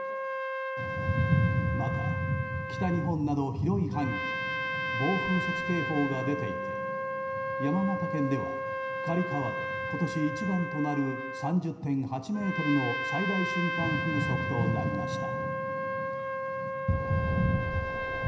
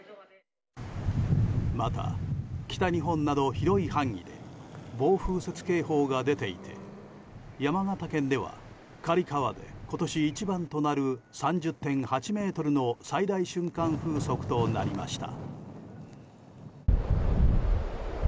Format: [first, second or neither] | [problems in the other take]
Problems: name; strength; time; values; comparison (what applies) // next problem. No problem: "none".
second | background sound (Trumpet); 3 dB below the speech // room echo; dies away in 0.9 s